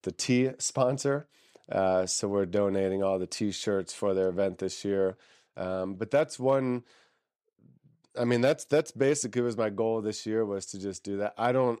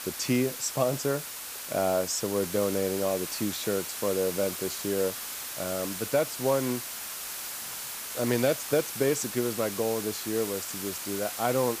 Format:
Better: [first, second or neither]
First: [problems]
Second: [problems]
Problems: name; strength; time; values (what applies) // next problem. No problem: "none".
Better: first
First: none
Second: hiss; loud; throughout; 5 dB below the speech